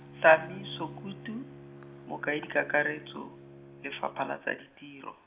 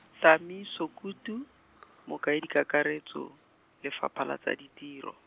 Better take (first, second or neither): second